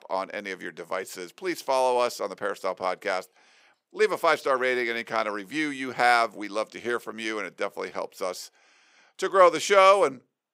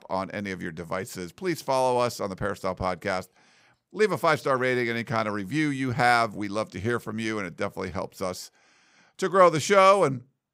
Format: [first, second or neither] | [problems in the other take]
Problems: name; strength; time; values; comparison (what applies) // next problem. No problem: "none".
second | thin; somewhat; fading below 400 Hz